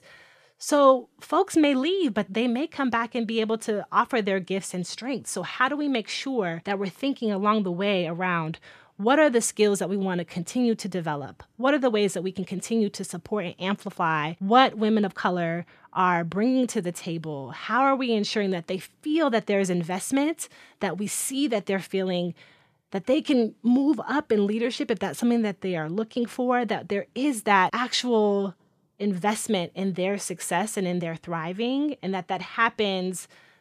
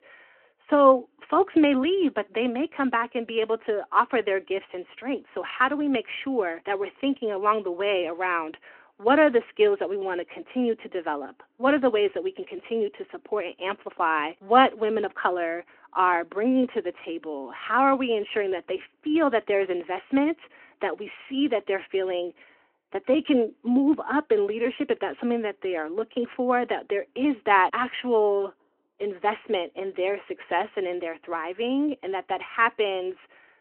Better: first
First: none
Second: phone-call audio

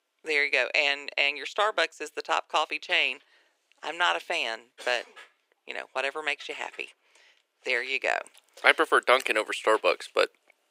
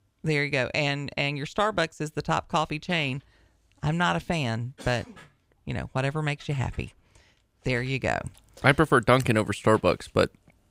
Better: second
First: thin; very; fading below 400 Hz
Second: none

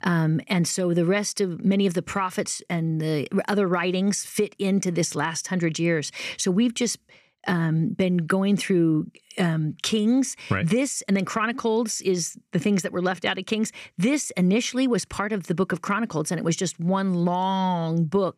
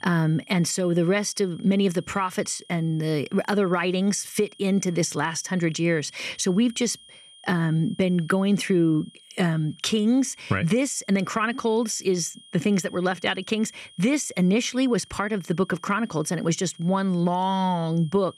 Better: first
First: none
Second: high-pitched whine; faint; throughout; 3 kHz, 25 dB below the speech

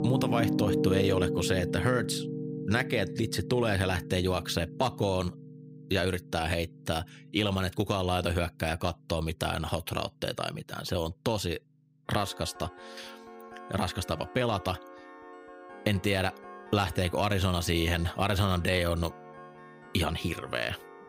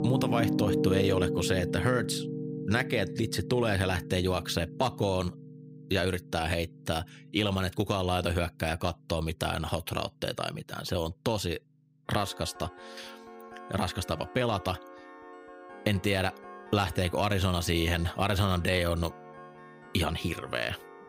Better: neither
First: background music; loud; throughout; 7 dB below the speech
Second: background music; loud; throughout; 7 dB below the speech

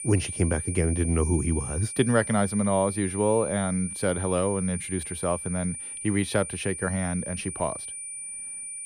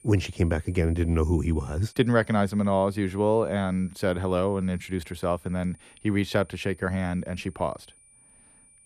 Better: second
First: high-pitched whine; loud; throughout; 9.5 kHz, 7 dB below the speech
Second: high-pitched whine; faint; throughout; 9.5 kHz, 25 dB below the speech

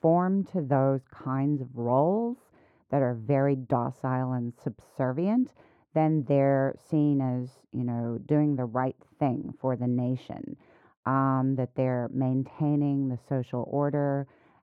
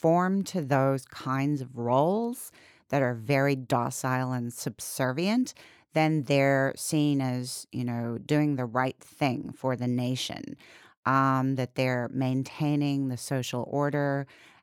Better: second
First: muffled; very; fading above 2.5 kHz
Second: none

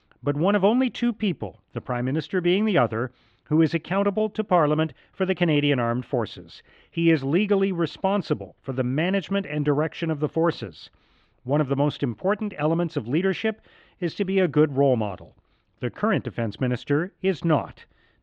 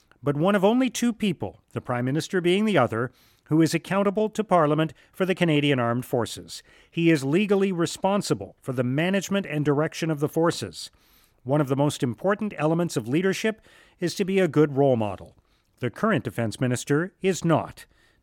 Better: second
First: muffled; slightly; fading above 3.5 kHz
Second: none

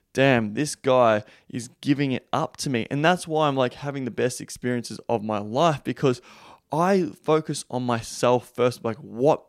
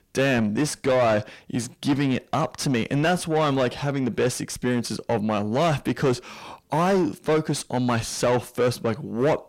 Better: first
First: none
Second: distortion; heavy; 6 dB below the speech

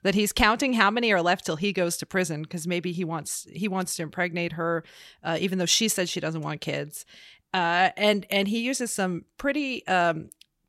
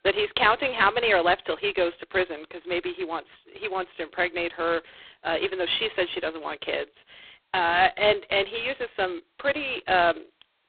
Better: first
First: none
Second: phone-call audio; poor line; nothing above 4 kHz

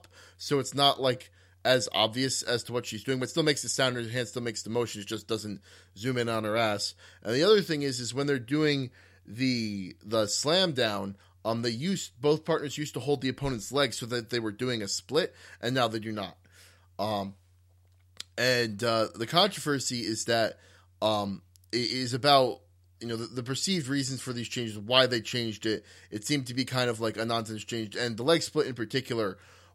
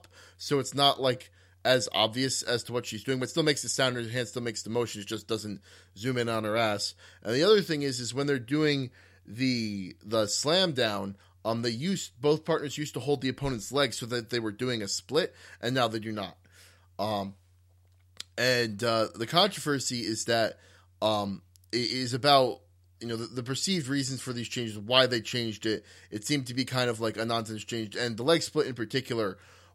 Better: neither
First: none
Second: none

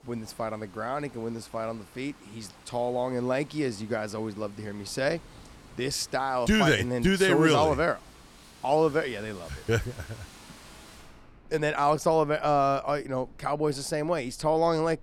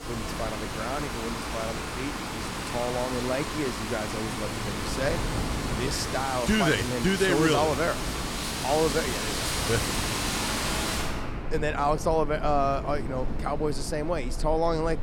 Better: first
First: wind in the background; faint; throughout; 25 dB below the speech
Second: wind in the background; loud; throughout; 3 dB below the speech

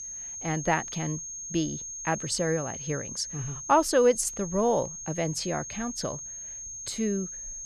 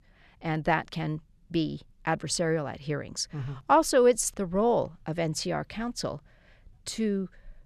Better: second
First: high-pitched whine; loud; throughout; 6.5 kHz, 7 dB below the speech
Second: none

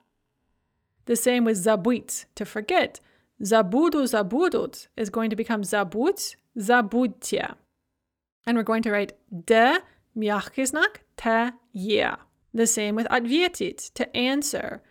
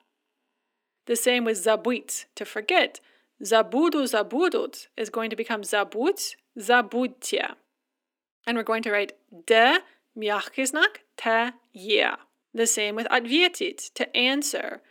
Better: first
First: none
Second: thin; very slightly; fading below 250 Hz

